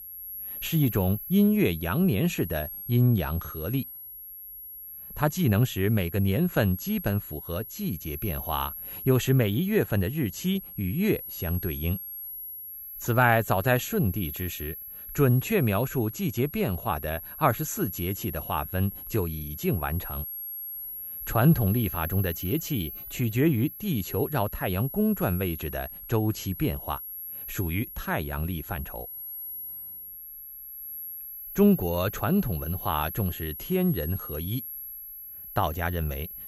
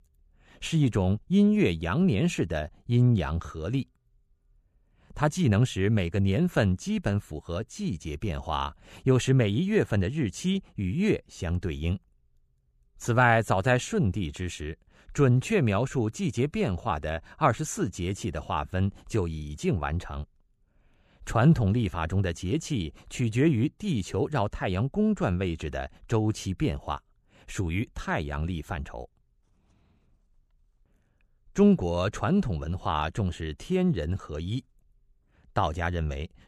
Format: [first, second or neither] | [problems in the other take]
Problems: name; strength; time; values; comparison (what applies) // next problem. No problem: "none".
second | high-pitched whine; loud; throughout; 11.5 kHz, 9 dB below the speech